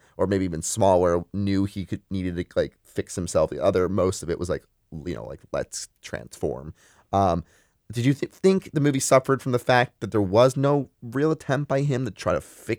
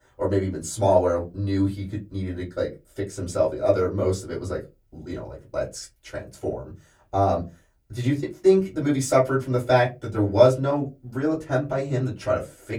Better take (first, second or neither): first